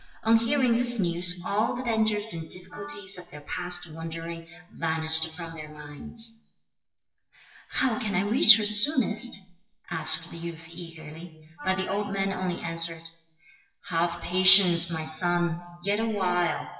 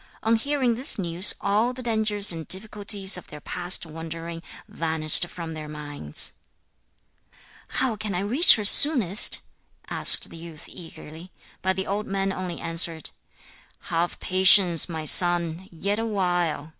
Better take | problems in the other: second | noise reduction (classical method WPE with log-MMSE)

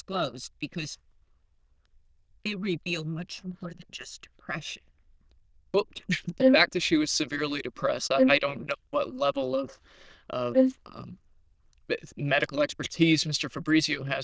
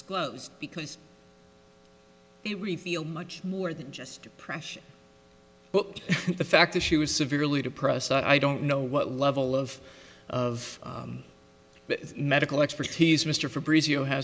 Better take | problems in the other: second | noise reduction (neural diffusion model UNIVERSE++)

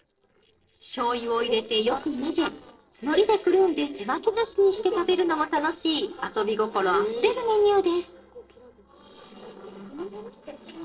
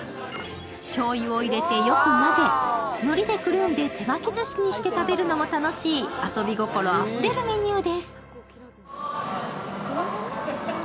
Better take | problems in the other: second | noise reduction (neural separator model SepFormer DNS4)

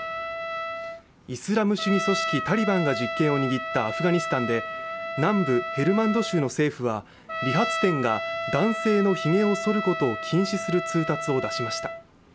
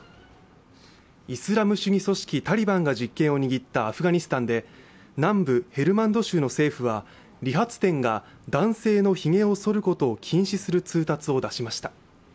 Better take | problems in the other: second | background sound (Trumpet); 6 dB below the speech

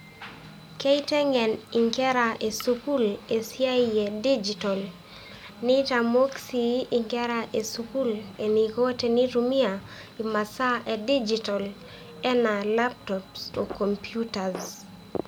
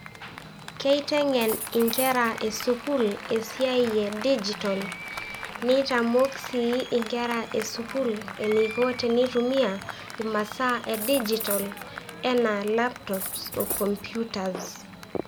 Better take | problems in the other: first | background sound (Cutlery, silverware + Applause); 11 dB below the speech

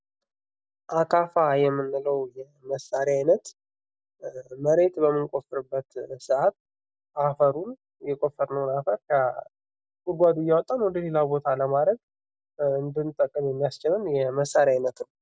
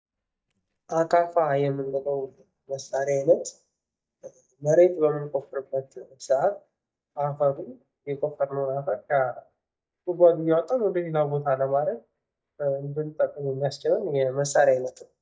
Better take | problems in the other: first | noise reduction (neural mask model DeepFilterNet 3)

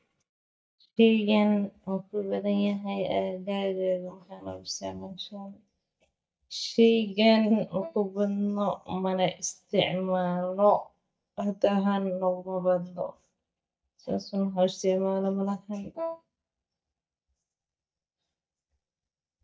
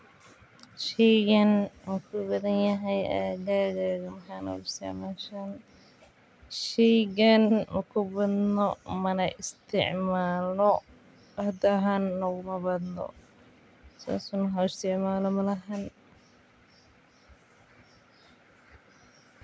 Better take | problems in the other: second | noise reduction (neural mask model DeepFilterNet 3)

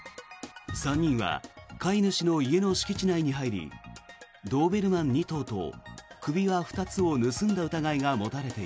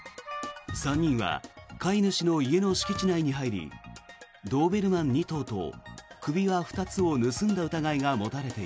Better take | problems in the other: first | background sound (Wind instrument, woodwind instrument); 13 dB below the speech

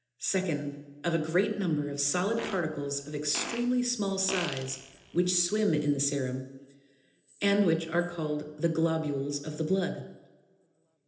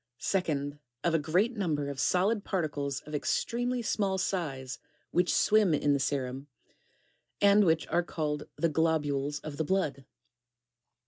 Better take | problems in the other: second | background sound (Fart); 11 dB below the speech // room echo; dies away in 1 s

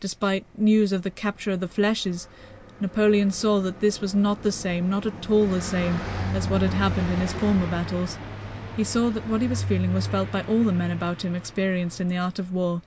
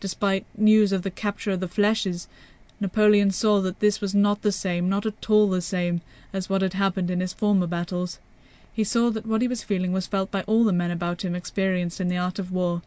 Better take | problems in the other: second | background sound (Car passing by); 9 dB below the speech

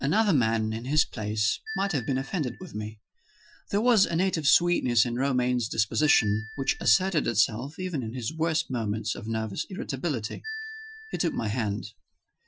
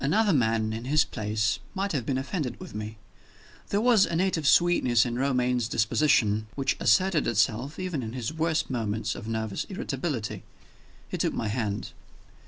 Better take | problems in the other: second | noise reduction (classical method Wiener filter)

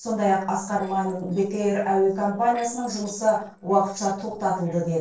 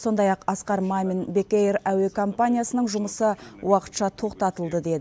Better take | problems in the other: second | noise reduction (neural separator model SepFormer DNS4)

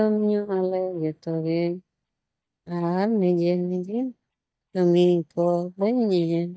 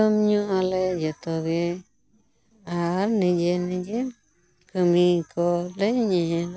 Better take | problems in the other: second | noise reduction (neural mask model DeepFilterNet 3)

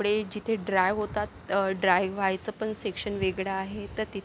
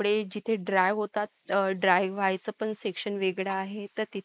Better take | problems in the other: first | noise reduction (neural mask model Resemble Enhance denoiser)

